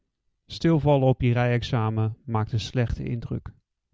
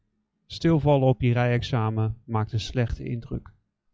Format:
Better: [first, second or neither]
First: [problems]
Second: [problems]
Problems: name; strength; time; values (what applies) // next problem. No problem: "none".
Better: first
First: none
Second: noise reduction (classical method log-MMSE)